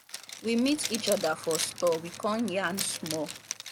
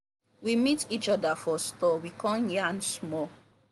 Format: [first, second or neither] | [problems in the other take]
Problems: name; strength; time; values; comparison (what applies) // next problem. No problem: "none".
second | background sound (Zipper (clothing)); 8 dB below the speech